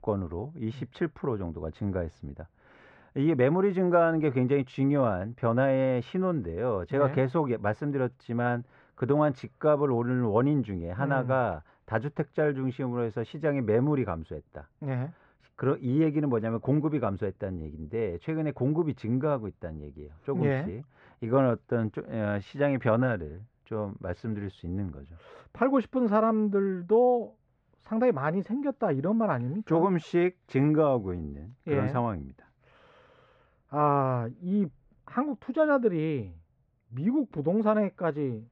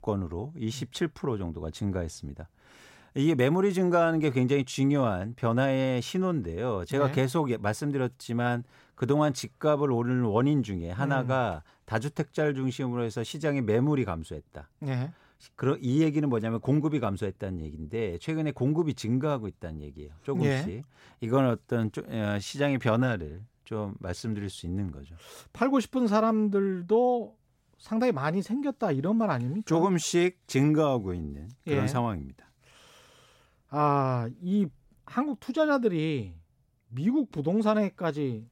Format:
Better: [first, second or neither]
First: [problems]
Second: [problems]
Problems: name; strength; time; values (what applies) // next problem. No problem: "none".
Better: second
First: muffled; very; fading above 1.5 kHz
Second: none